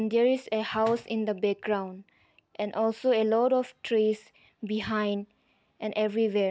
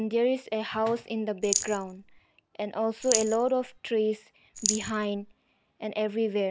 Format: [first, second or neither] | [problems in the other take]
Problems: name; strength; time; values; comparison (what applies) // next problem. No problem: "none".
first | background sound (Rattle); 3 dB below the speech